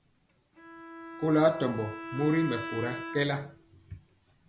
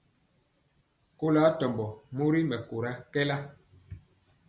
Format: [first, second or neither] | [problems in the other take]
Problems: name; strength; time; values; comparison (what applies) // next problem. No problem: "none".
second | background sound (Bowed string instrument); 11 dB below the speech